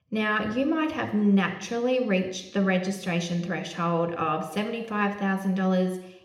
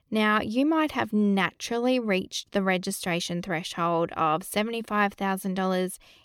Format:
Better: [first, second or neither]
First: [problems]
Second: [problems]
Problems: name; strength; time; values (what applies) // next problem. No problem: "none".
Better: second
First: room echo; slight; dies away in 0.8 s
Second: none